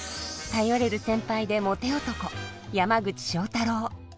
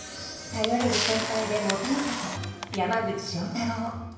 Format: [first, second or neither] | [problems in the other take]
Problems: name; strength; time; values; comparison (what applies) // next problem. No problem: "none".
first | background sound (Camera); 4 dB below the speech // room echo; dies away in 0.9 s